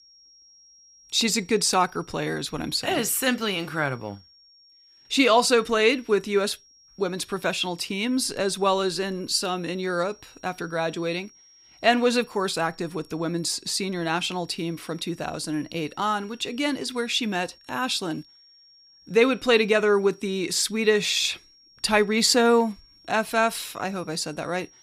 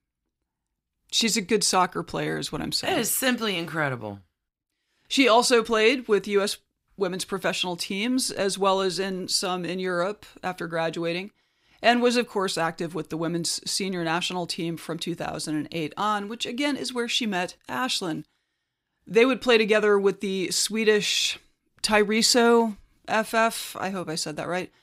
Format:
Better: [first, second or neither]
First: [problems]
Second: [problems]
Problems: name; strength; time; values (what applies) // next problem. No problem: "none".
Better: second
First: high-pitched whine; faint; throughout; 5.5 kHz, 30 dB below the speech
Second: none